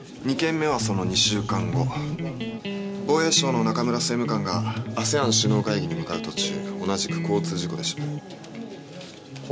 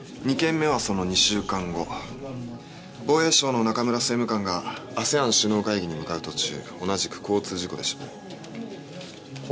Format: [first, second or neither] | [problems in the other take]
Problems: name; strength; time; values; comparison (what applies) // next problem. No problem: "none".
second | background sound (Electric guitar); 2 dB below the speech